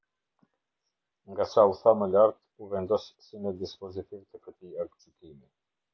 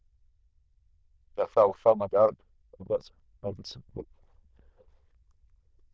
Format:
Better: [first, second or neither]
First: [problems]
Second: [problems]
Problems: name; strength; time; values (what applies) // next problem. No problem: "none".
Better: first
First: none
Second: noise reduction (neural diffusion model UNIVERSE++)